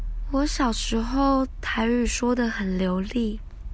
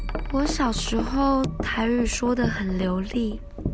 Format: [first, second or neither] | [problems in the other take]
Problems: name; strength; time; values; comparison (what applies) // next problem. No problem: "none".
first | background sound (Wind chime); 9 dB below the speech